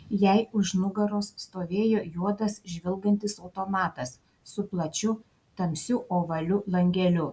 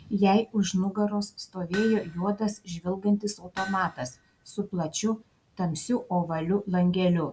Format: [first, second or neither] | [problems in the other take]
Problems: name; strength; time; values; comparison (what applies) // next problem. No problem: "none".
first | background sound (Hammer); 16 dB below the speech